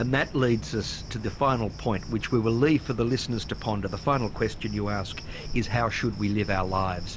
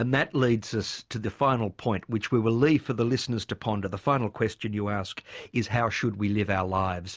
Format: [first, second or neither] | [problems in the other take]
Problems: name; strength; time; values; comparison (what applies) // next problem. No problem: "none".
second | background sound (Cricket); 10 dB below the speech